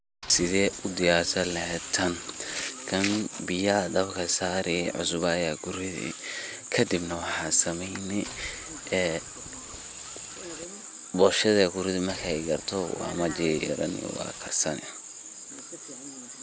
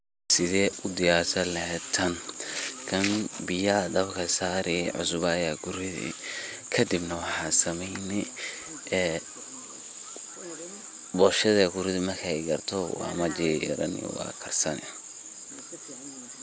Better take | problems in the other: second | background sound (Boat, Water vehicle); 18 dB below the speech

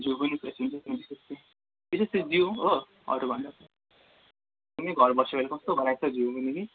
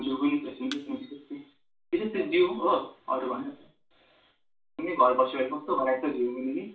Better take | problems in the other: first | background sound (Thump, thud); 18 dB below the speech // room echo; dies away in 0.4 s

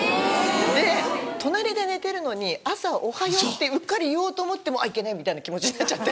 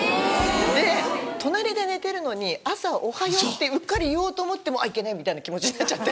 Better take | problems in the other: first | background sound (Bass drum); 18 dB below the speech

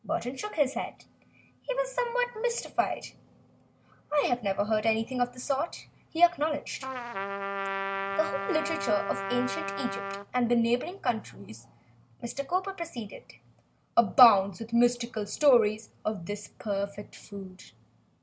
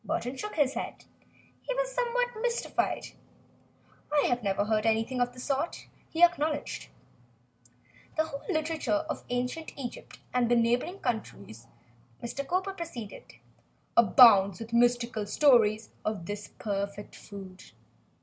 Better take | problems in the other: second | background sound (Trumpet); 4 dB below the speech

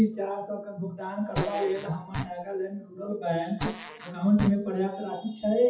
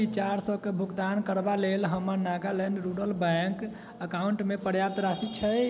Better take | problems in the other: second | noise reduction (classical method WPE with log-MMSE)

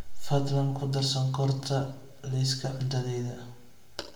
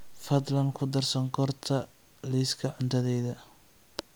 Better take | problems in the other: second | room echo; dies away in 0.6 s

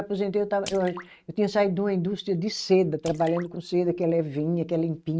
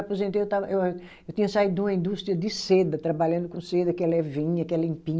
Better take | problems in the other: second | noise reduction (neural mask model RNNoise)

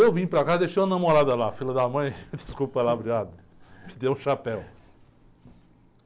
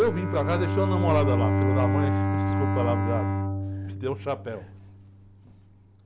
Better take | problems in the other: first | background sound (Bowed string instrument); 4 dB above the speech

